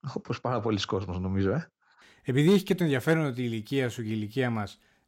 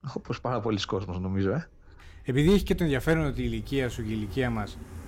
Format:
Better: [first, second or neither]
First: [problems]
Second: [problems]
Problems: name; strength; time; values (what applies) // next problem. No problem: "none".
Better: first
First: none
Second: animal sounds; noticeable; throughout; 15 dB below the speech